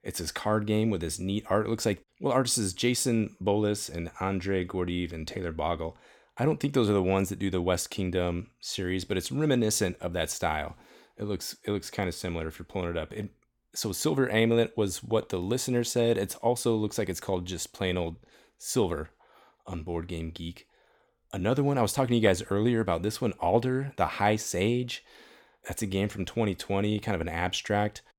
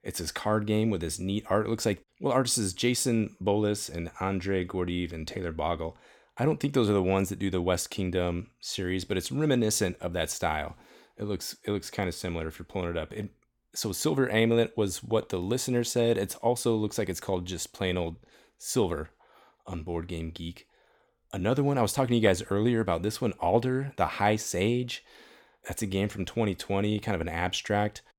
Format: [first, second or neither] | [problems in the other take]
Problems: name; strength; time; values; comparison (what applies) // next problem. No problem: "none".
neither | none